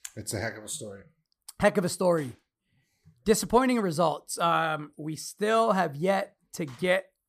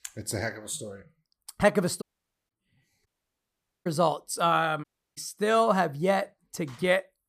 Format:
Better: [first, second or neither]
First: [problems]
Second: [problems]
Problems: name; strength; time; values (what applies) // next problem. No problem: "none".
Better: first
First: none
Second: audio cutting out; at 2 s, at 3 s for 1 s and at 5 s